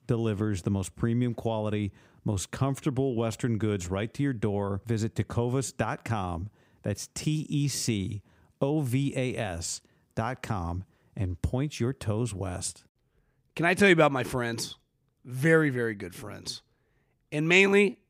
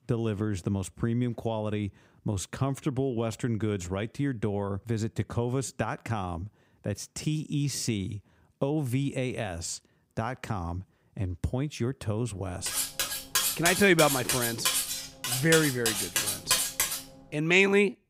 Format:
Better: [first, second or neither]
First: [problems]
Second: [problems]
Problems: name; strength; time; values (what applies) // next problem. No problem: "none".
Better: first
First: none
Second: clattering dishes; loud; from 13 to 17 s; peak 5 dB above the speech